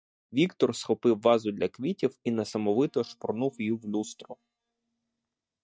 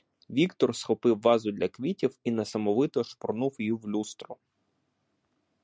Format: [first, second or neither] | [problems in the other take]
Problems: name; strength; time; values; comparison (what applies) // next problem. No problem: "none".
second | noise reduction (neural mask model DeepFilterNet 3)